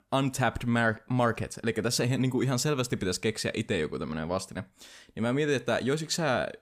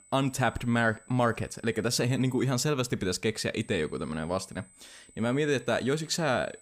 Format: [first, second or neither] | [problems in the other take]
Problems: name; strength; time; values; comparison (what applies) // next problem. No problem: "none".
first | high-pitched whine; faint; until 2.5 s and from 3.5 s on; 8 kHz, 25 dB below the speech